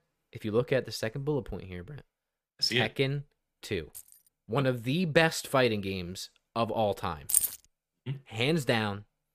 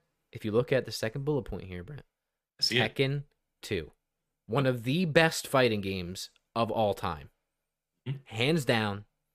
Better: second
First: jangling keys; faint; at 4 s; peak 20 dB below the speech // jangling keys; loud; at 7.5 s; peak 4 dB above the speech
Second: none

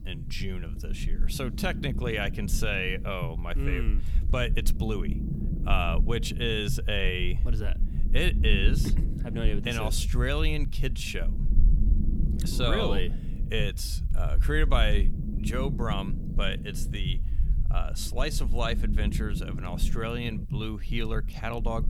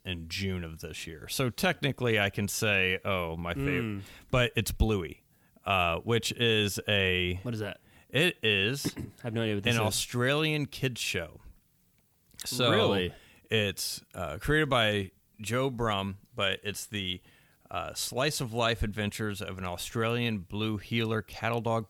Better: second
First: low rumble; noticeable; throughout; 15 dB below the speech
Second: none

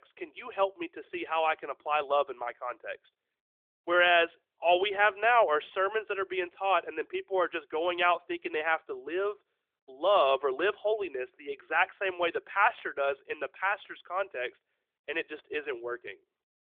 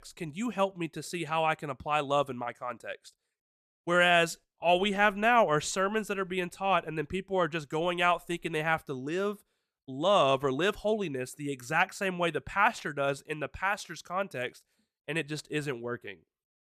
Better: second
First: phone-call audio; nothing above 3.5 kHz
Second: none

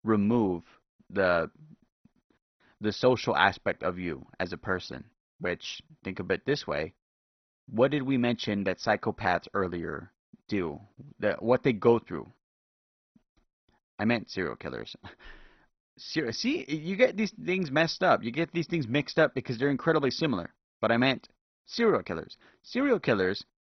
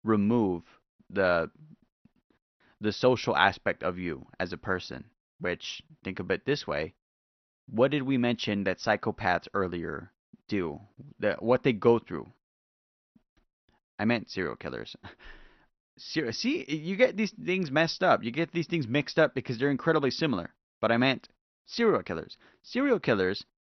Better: second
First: garbled, watery; badly; nothing above 6 kHz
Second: garbled, watery; slightly; nothing above 6 kHz

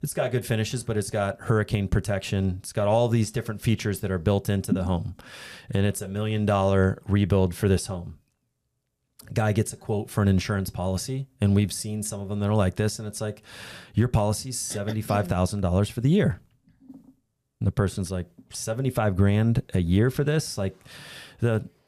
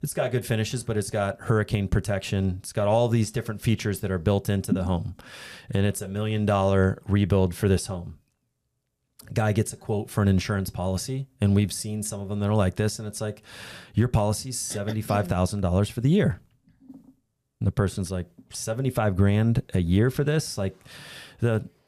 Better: neither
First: none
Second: none

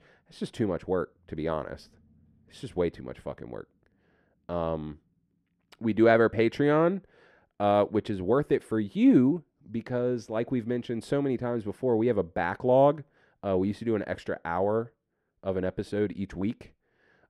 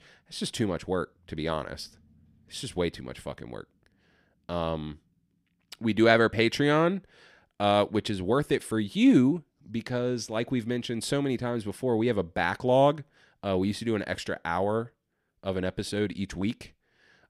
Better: second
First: muffled; slightly; fading above 2.5 kHz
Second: none

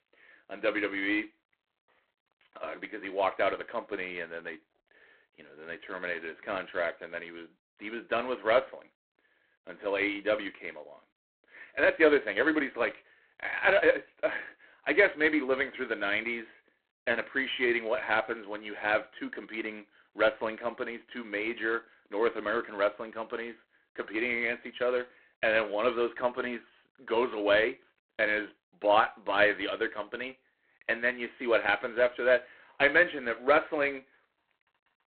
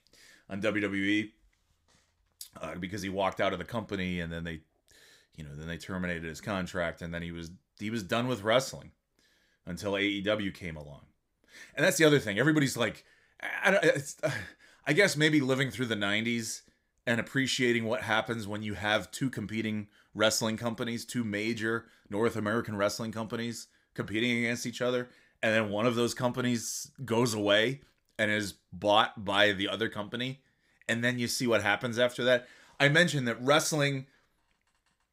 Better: second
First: phone-call audio; poor line; nothing above 3.5 kHz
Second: none

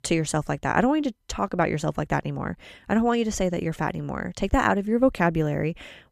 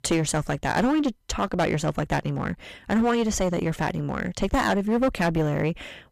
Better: first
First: none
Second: distortion; heavy; 10% of the sound clipped

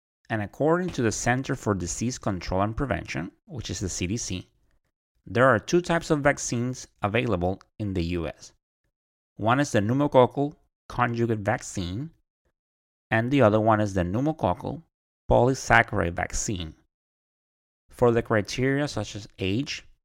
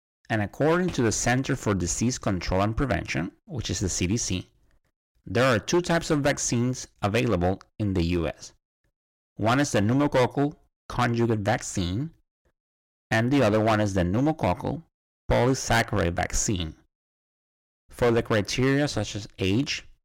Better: first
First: none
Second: distortion; heavy; 7% of the sound clipped

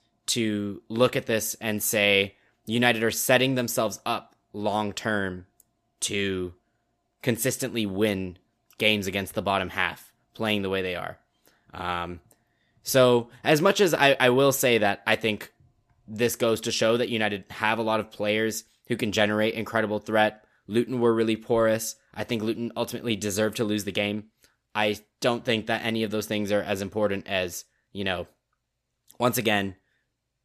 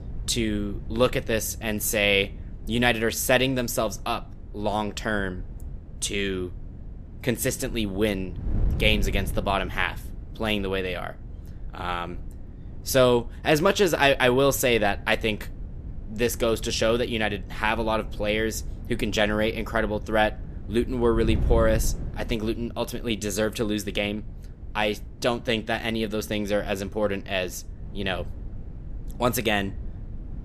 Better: first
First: none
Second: wind noise on the microphone; occasional gusts; 25 dB below the speech

